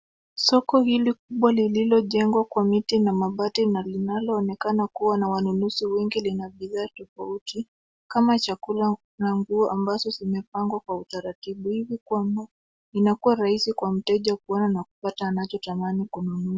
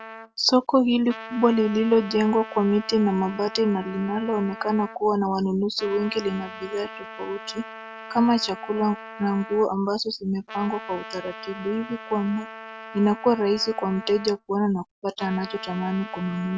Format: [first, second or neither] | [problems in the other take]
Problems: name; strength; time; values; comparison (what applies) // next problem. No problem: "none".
first | background sound (Trumpet); 15 dB below the speech